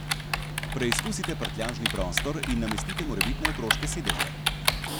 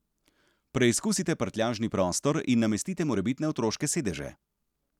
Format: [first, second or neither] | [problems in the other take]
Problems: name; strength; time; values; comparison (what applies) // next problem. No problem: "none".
second | background sound (Typing); 4 dB above the speech